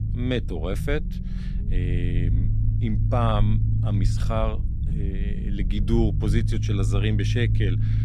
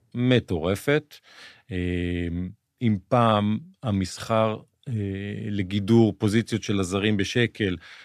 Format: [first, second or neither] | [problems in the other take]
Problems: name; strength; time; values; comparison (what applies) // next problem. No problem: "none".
second | low rumble; loud; throughout; 8 dB below the speech